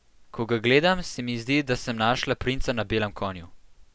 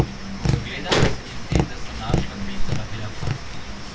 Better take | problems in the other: first | background sound (Tap); 2 dB above the speech // room echo; dies away in 0.2 s

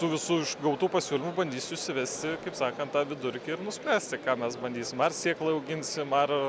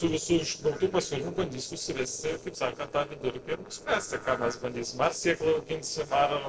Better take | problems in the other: first | noise reduction (neural separator model SepFormer DNS4)

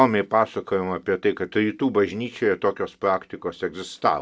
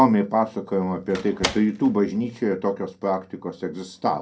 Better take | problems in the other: first | background sound (Slam); 10 dB below the speech // room echo; dies away in 0.2 s

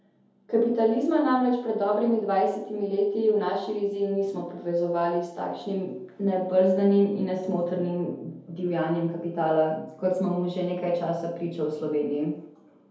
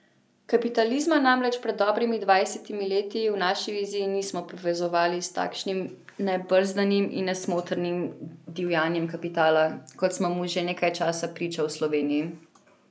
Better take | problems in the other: second | room echo; dies away in 0.8 s

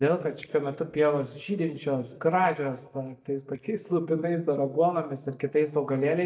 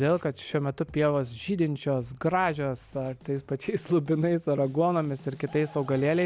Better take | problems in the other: second | noise reduction (neural mask model DeepFilterNet 3)

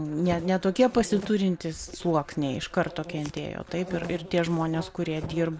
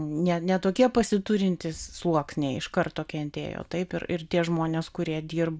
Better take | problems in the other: second | background sound (Insect); 14 dB below the speech

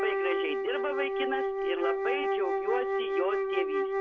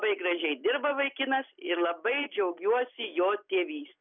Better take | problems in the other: second | background sound (Wind instrument, woodwind instrument); 5 dB above the speech

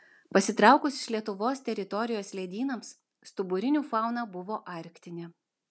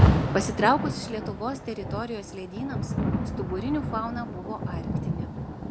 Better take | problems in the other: first | background sound (Rain); 3 dB above the speech

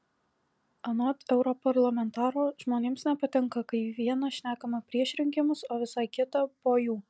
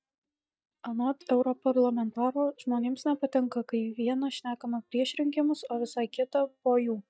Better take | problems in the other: first | noise reduction (neural mask model DeepFilterNet 3)

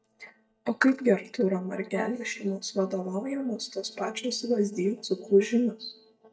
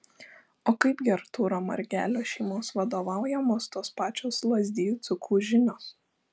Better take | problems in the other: second | noise reduction (neural mask model DeepFilterNet 3)

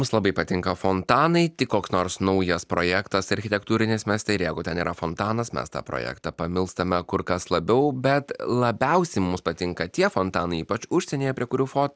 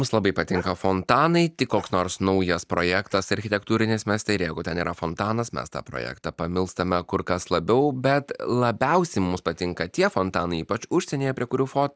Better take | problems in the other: first | noise reduction (neural mask model DeepFilterNet 3)

